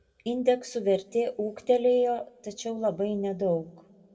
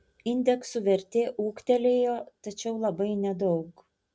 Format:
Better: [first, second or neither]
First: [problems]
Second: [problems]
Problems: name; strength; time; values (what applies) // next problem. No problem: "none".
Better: second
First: room echo; dies away in 1.4 s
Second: none